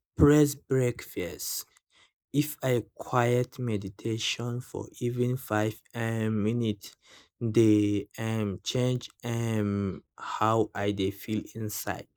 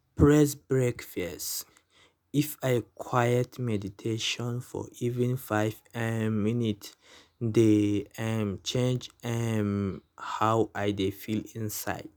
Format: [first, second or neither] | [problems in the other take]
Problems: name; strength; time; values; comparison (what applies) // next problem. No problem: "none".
second | noise reduction (neural mask model Resemble Enhance denoiser)